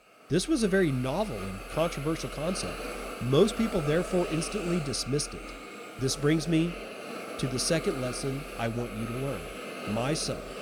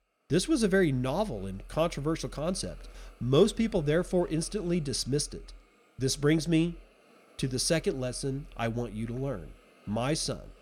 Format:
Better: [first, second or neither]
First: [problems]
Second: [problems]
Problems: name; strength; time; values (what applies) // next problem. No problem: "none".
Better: second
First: hiss; loud; throughout; 9 dB below the speech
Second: hiss; faint; throughout; 30 dB below the speech